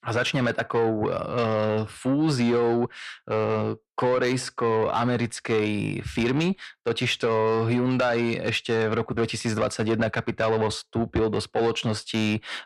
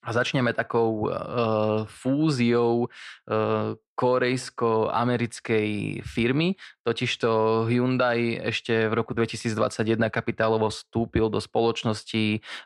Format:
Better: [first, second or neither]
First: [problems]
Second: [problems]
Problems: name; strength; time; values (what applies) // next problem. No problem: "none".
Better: second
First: distortion; slight; 10 dB below the speech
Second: none